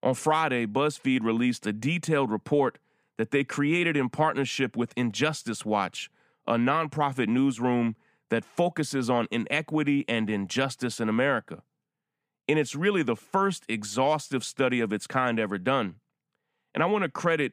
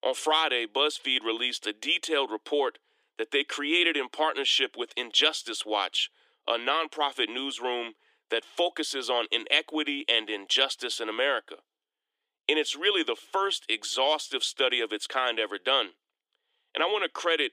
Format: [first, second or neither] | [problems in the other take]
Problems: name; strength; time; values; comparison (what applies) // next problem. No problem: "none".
first | thin; very; fading below 300 Hz